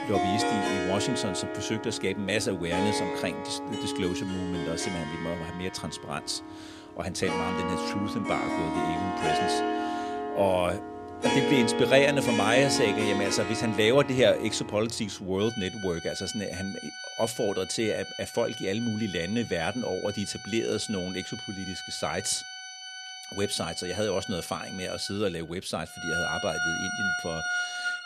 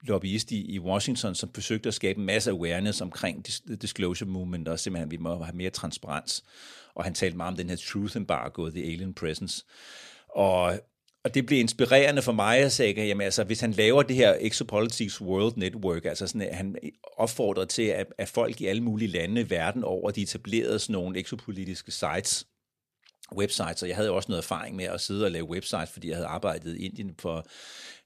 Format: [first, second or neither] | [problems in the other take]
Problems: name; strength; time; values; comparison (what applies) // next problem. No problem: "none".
second | background music; loud; throughout; 3 dB below the speech